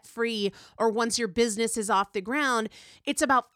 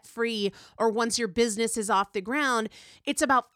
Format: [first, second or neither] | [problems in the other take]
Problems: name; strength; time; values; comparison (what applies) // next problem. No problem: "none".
neither | none